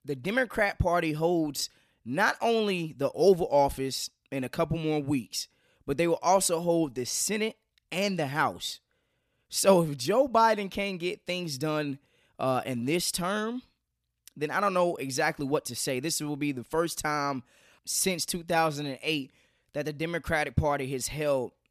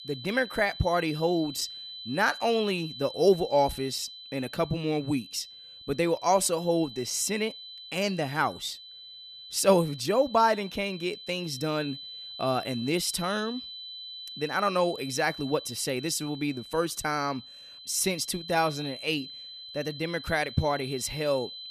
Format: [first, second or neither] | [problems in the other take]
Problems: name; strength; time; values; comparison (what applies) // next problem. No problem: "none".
first | high-pitched whine; noticeable; throughout; 4 kHz, 10 dB below the speech